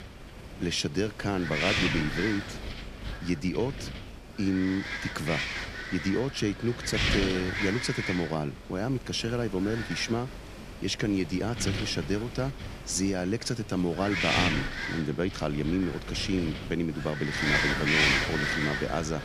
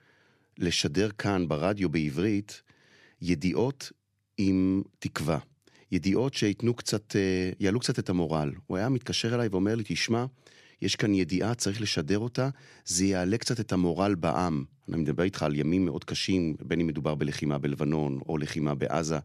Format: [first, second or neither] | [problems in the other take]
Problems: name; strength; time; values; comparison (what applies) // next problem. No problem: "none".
second | wind noise on the microphone; heavy; 4 dB above the speech